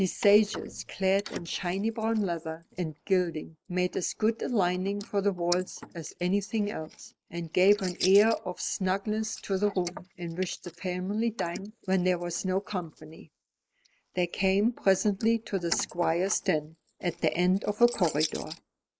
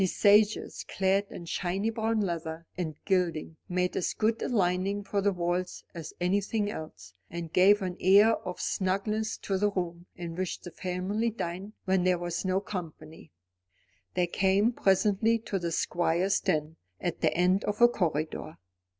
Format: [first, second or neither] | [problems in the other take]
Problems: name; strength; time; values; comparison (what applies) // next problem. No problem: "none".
second | noise reduction (neural mask model Resemble Enhance denoiser)